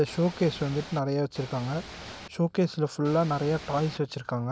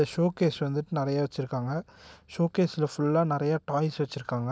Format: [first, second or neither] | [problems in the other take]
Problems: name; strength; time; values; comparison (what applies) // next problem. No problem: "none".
second | background sound (Ocean / Boat, Water vehicle); 15 dB below the speech